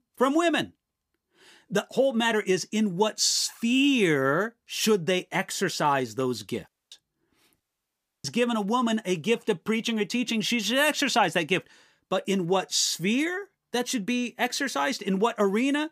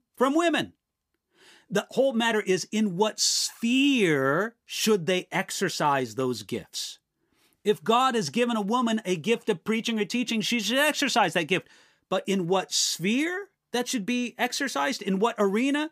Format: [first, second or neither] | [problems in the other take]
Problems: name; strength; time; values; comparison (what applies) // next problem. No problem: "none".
second | audio cutting out; at 6.5 s and at 7.5 s for 0.5 s